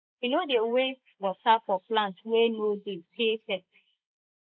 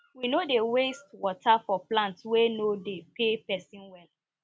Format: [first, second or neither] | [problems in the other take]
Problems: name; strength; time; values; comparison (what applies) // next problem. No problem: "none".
second | noise reduction (neural mask model Resemble Enhance denoiser)